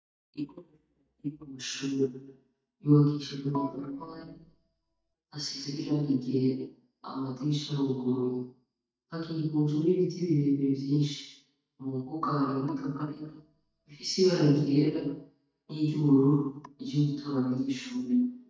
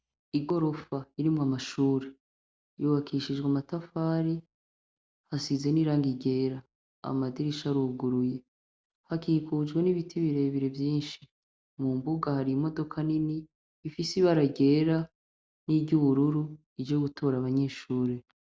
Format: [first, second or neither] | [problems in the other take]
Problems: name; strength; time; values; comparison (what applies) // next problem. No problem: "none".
second | noise reduction (neural mask model DeepFilterNet 3)